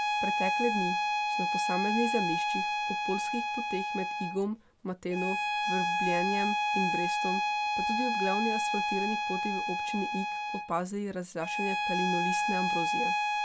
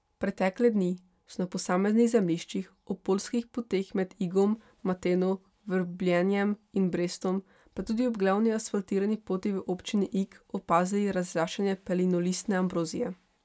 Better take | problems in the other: second | background sound (Bowed string instrument); 4 dB above the speech

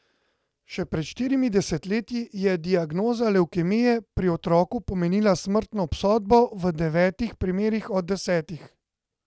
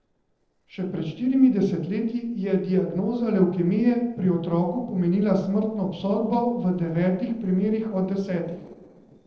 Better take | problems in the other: first | noise reduction (neural separator model SepFormer DNS4)

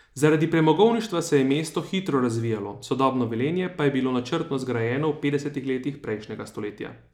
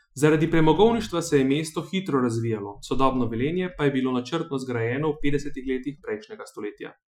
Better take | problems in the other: first | noise reduction (classical method Wiener filter)

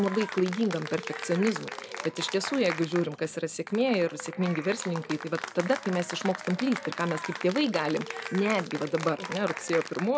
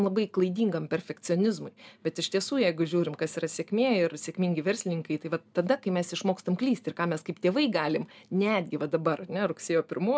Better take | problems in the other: second | background sound (Applause / Cheering); 10 dB below the speech

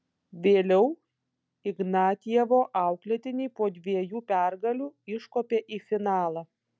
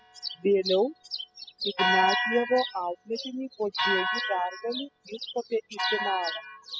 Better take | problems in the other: first | noise reduction (classical method spectral subtraction)

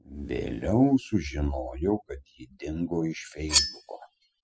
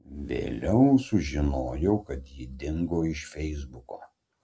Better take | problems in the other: second | noise reduction (classical method spectral subtraction)

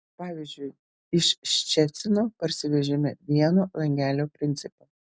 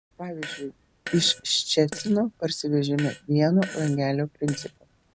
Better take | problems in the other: first | background sound (Fart); 16 dB below the speech

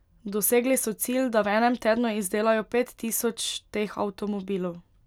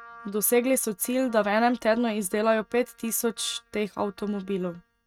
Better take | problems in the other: first | noise reduction (neural mask model RNNoise)

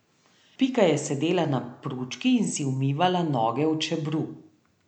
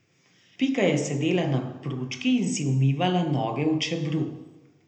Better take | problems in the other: first | room echo; dies away in 0.6 s

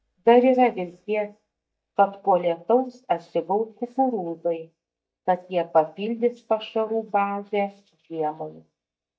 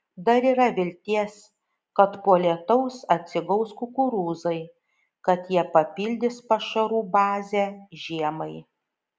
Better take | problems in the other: second | noise reduction (neural mask model DeepFilterNet 3)

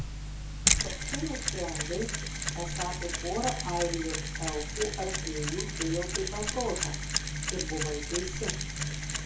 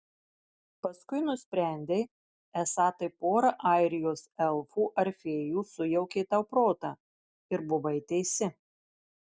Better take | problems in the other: second | background sound (Mechanisms); 4 dB above the speech // room echo; dies away in 0.6 s

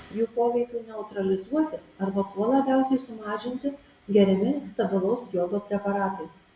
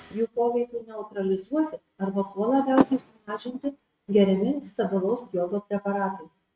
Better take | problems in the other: first | noise reduction (neural mask model RNNoise)

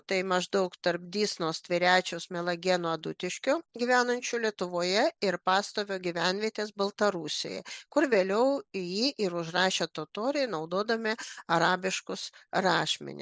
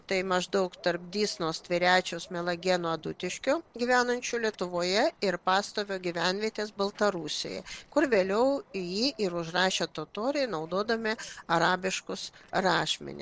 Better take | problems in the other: first | noise reduction (neural separator model SepFormer DNS4)

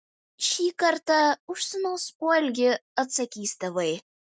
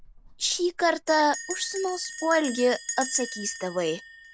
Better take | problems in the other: first | background sound (Bell); 11 dB below the speech

